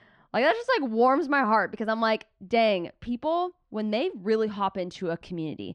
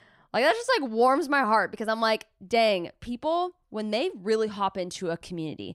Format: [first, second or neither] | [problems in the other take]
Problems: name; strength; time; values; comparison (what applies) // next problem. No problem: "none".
second | muffled; very slightly; fading above 3.5 kHz